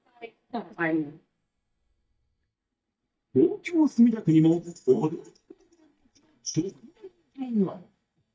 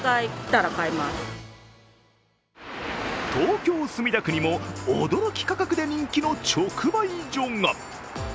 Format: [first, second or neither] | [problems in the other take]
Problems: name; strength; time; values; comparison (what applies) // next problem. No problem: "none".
second | noise reduction (neural mask model DeepFilterNet 3)